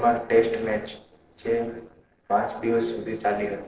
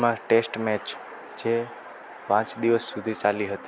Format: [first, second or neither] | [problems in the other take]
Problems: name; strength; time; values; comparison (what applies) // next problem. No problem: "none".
second | noise reduction (neural separator model SepFormer DNS4)